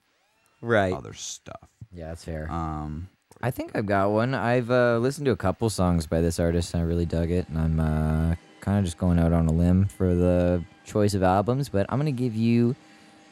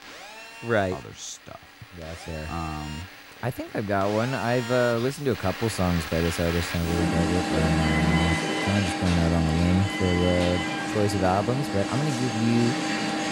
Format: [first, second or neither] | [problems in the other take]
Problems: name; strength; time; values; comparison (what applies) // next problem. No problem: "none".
first | alarms or sirens; loud; throughout; 2 dB below the speech; faint in the first